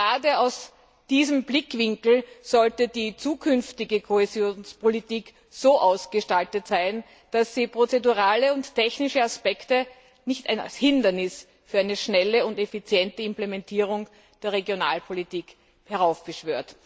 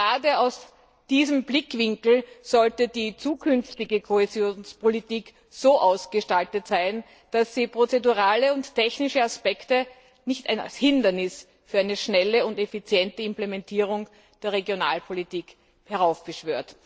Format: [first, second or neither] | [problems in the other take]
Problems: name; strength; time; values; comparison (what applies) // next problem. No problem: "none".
first | noise reduction (neural separator model SepFormer DNS4)